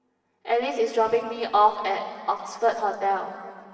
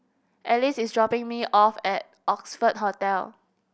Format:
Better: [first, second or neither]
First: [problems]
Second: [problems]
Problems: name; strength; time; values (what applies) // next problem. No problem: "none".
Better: second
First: room echo; dies away in 2.3 s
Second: none